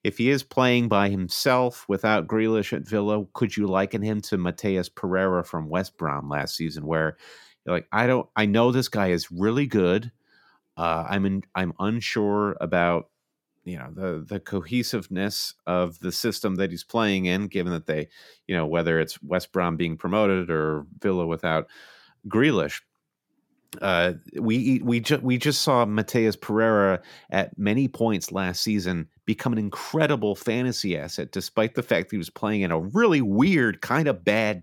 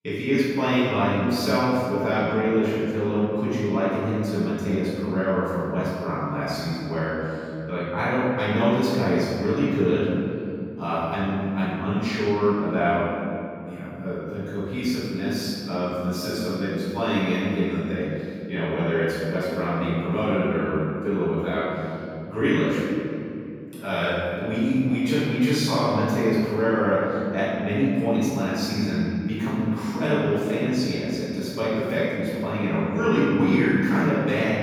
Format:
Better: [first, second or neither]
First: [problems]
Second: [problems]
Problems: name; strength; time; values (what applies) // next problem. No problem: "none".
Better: first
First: none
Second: off-mic speech; far // room echo; strong; dies away in 2.7 s